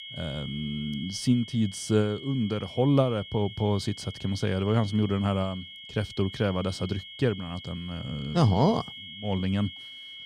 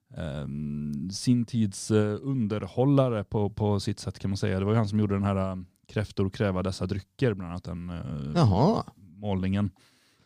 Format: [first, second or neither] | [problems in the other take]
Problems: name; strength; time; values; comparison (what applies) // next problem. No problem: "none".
second | high-pitched whine; noticeable; throughout; 3.5 kHz, 15 dB below the speech